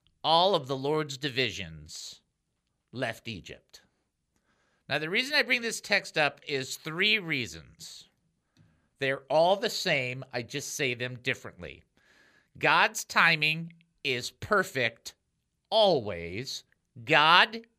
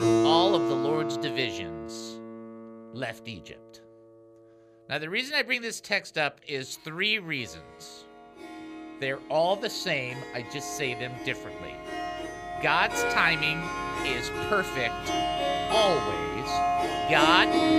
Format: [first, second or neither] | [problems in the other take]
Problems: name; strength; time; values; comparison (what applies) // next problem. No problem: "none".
first | background music; loud; throughout; 2 dB below the speech